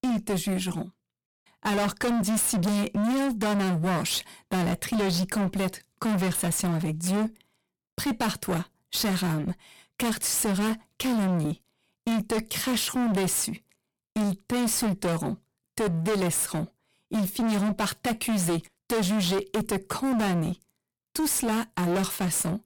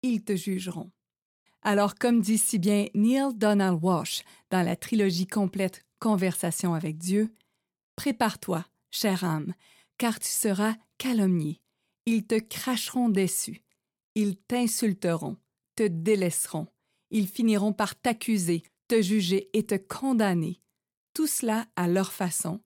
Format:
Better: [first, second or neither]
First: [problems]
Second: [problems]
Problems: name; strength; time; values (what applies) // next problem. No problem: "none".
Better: second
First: distortion; heavy; 28% of the sound clipped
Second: none